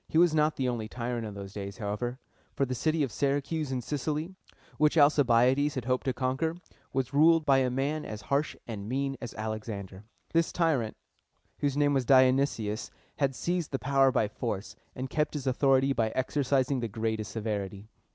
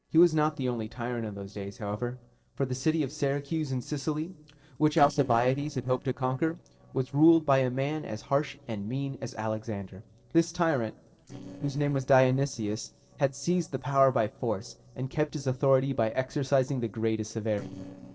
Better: first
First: none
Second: noise reduction (neural separator model SepFormer DNS4)

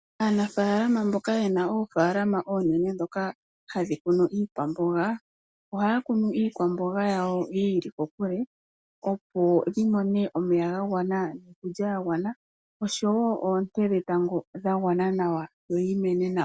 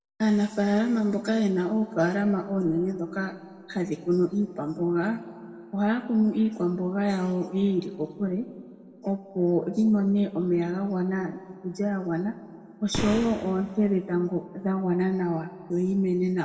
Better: first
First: none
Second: background sound (Boom); 8 dB below the speech // room echo; dies away in 1.6 s

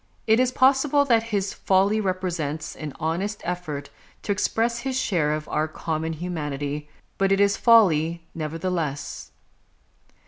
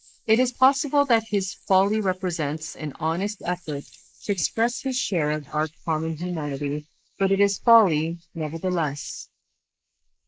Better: first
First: none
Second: noise reduction (neural mask model Resemble Enhance denoiser)

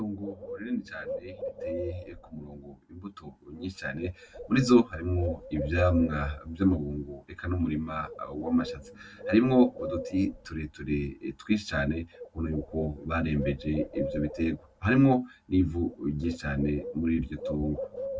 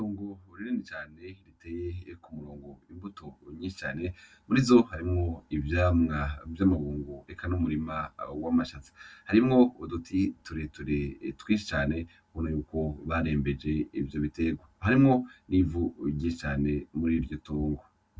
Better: second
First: background sound (Bird); 12 dB below the speech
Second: none

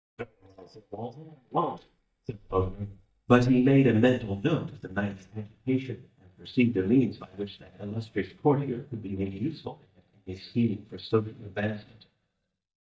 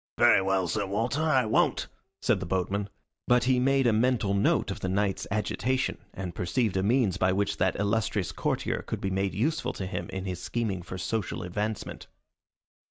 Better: second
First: noise reduction (neural mask model DeepFilterNet 3)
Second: none

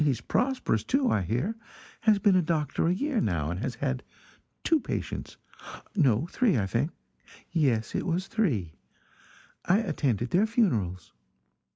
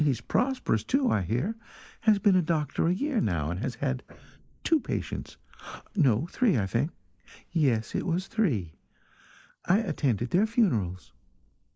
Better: first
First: none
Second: noise reduction (neural mask model Resemble Enhance denoiser)

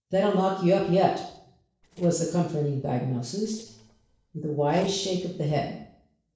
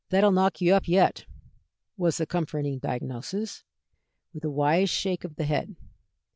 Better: second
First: noise reduction (neural separator model SepFormer DNS4)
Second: none

